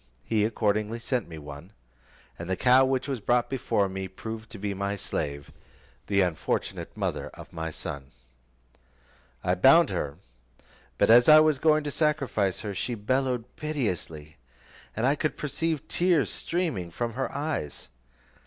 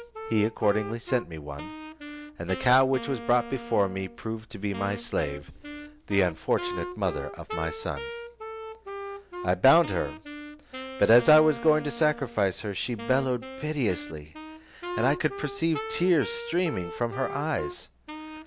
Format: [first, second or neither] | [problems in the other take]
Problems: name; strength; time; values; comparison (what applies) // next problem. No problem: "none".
first | background sound (Wind instrument, woodwind instrument); 11 dB below the speech